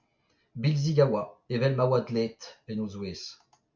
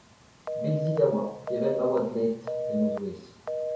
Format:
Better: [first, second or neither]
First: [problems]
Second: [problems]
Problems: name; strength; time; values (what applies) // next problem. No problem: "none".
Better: first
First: none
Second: background sound (Telephone); 4 dB below the speech // room echo; dies away in 2.7 s